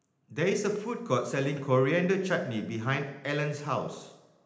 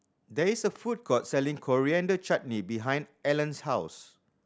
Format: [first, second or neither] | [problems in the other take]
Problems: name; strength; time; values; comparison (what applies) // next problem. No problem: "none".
second | room echo; dies away in 0.9 s